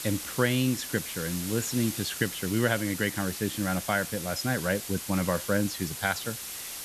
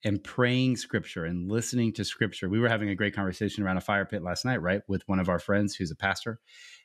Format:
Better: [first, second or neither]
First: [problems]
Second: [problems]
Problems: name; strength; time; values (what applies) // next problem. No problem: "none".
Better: second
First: hiss; loud; throughout; 6 dB below the speech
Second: none